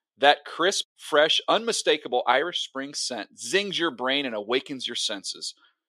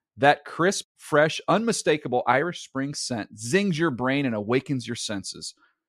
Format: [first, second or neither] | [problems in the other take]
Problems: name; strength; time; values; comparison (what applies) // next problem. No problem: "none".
second | thin; somewhat; fading below 400 Hz